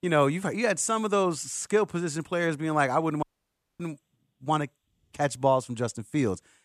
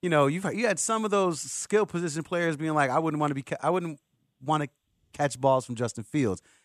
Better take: second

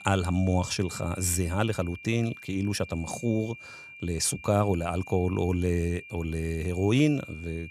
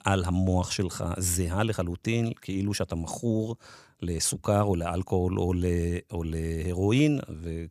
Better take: second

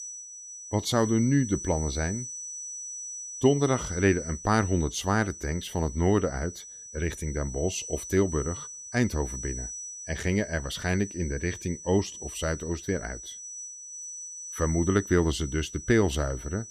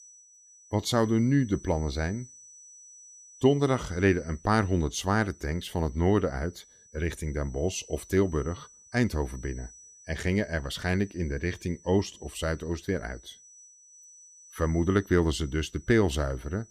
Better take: second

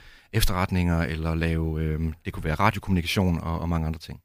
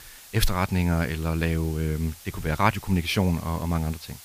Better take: first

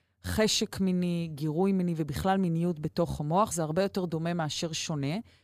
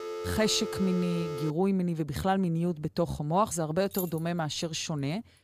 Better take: first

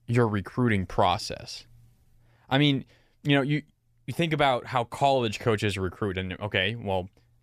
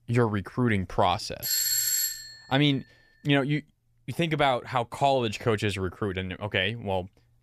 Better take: first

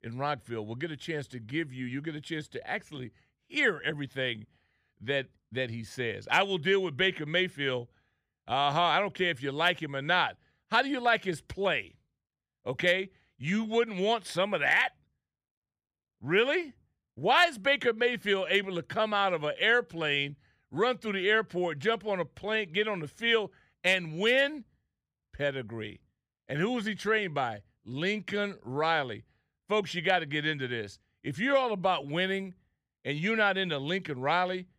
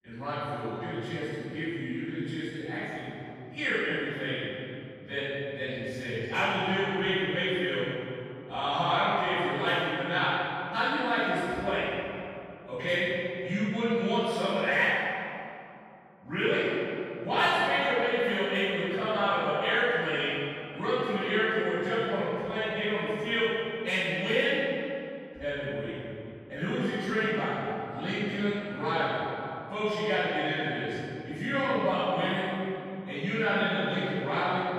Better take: first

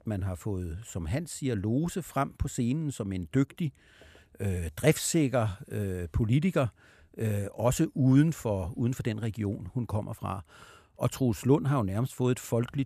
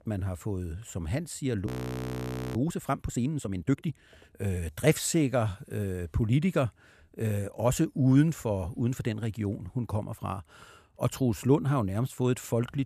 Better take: first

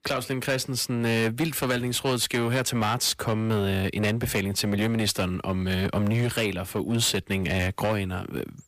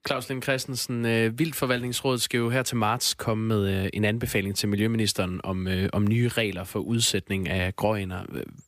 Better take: second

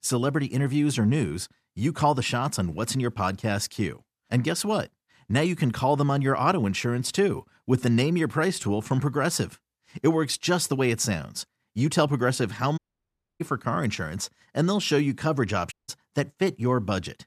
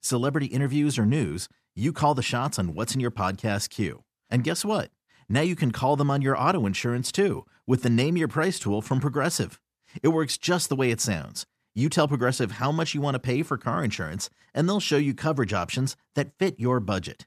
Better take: second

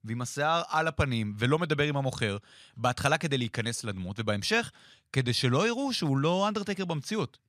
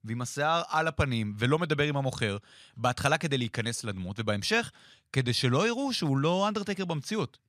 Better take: neither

